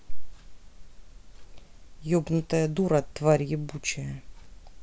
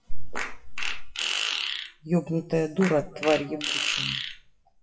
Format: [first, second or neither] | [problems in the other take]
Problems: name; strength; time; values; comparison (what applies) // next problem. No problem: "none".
first | noise reduction (classical method WPE with log-MMSE)